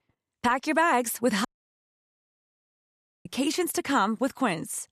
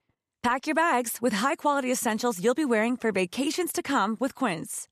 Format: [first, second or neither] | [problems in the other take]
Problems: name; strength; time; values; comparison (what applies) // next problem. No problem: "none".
second | audio cutting out; at 1.5 s for 2 s